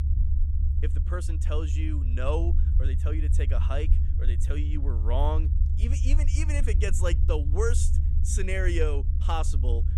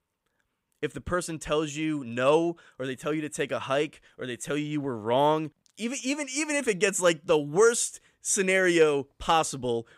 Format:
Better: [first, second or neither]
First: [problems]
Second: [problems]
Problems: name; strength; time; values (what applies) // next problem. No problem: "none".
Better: second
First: low rumble; loud; throughout; 10 dB below the speech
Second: none